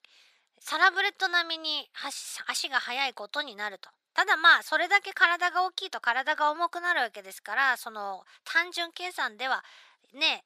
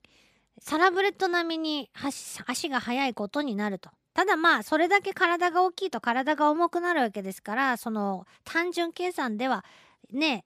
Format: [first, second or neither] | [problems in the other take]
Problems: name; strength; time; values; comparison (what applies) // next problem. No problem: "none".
second | thin; very; fading below 750 Hz